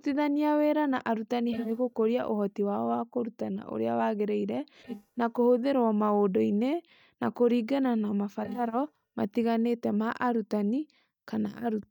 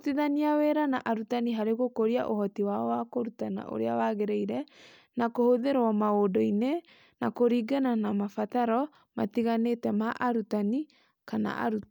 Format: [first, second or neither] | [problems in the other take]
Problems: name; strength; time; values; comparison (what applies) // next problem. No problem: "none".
second | noise reduction (neural mask model DeepFilterNet 3)